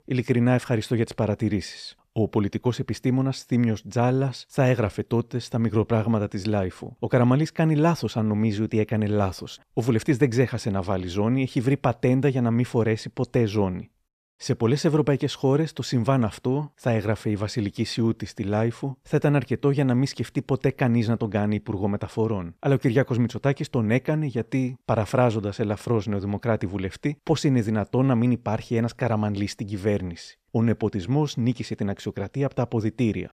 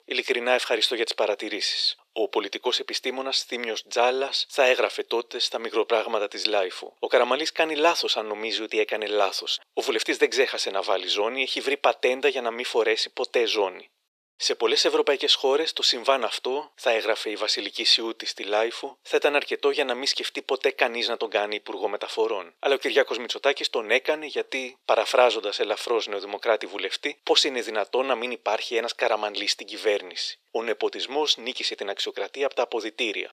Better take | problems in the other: first | thin; very; fading below 400 Hz

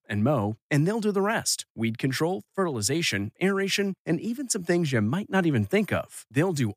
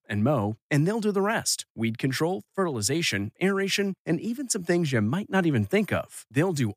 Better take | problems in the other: neither | none

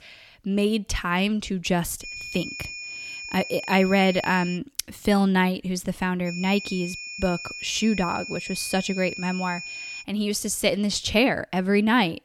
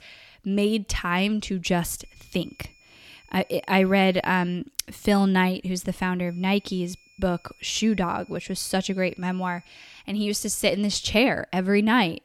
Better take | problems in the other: second | high-pitched whine; loud; from 2 to 4.5 s and from 6.5 to 10 s; 2.5 kHz, 9 dB below the speech; faint in the second

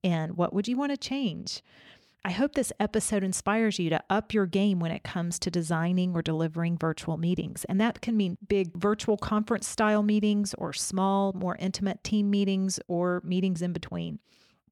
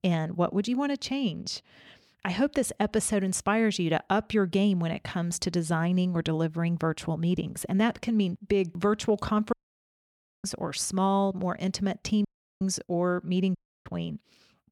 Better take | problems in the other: first | audio cutting out; at 9.5 s for 1 s, at 12 s and at 14 s

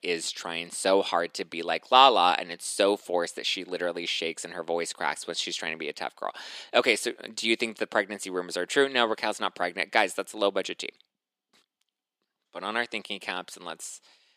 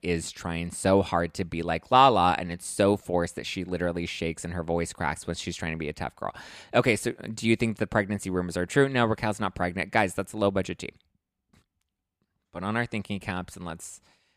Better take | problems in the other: second | thin; somewhat; fading below 300 Hz

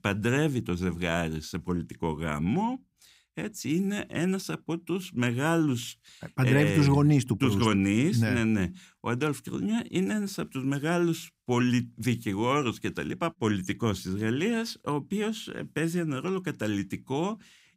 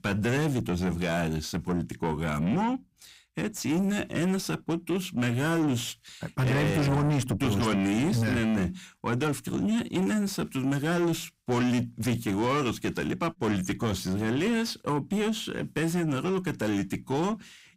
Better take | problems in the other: first | distortion; heavy; 7 dB below the speech

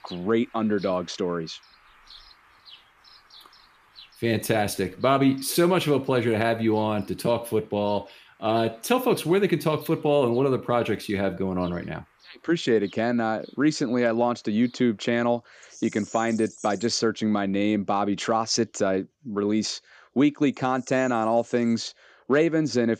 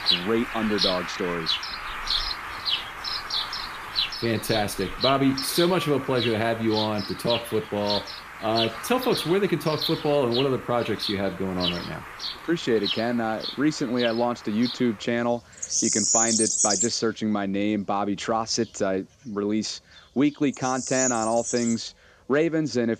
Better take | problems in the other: first | animal sounds; loud; throughout; 2 dB below the speech; faint in the first

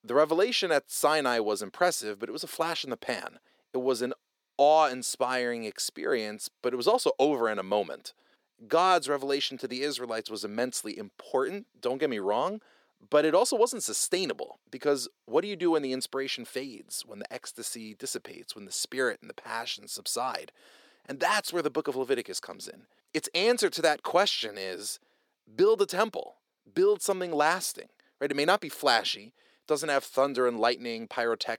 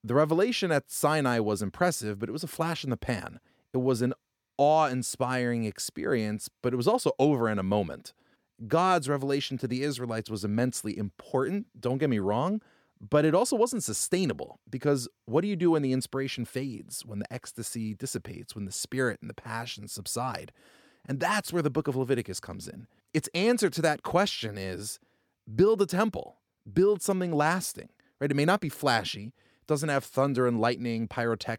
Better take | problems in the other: second | thin; somewhat; fading below 450 Hz

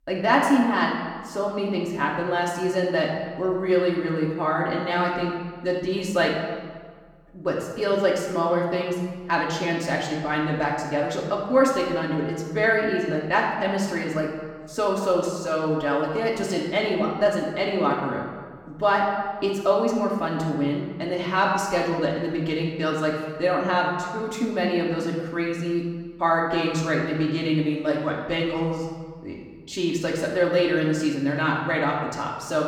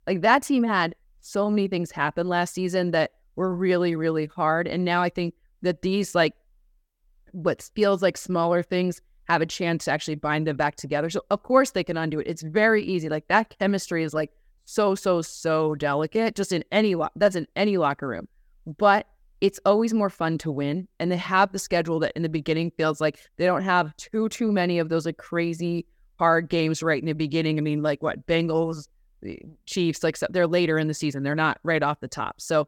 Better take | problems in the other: second | room echo; noticeable; dies away in 1.3 s // off-mic speech; far

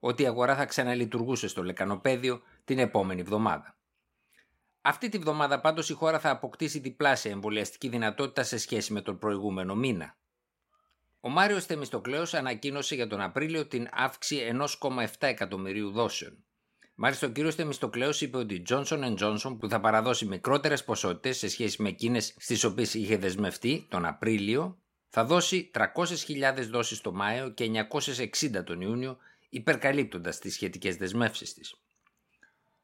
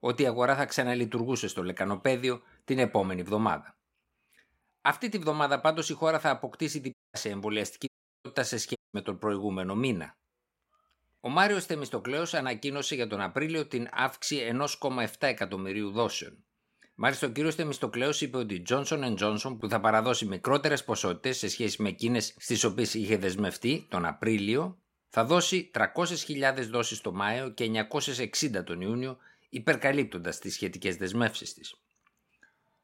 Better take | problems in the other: first | audio cutting out; at 7 s, at 8 s and at 9 s

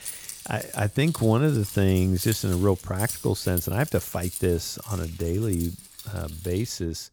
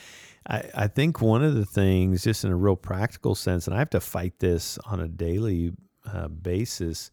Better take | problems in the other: second | jangling keys; noticeable; until 6.5 s; peak 6 dB below the speech

